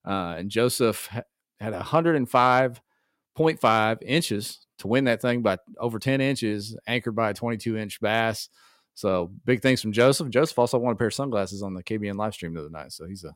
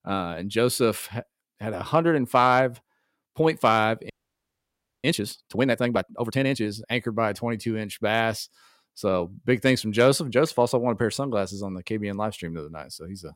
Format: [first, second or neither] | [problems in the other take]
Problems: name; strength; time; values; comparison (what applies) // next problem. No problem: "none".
first | audio freezing; at 4 s for 1 s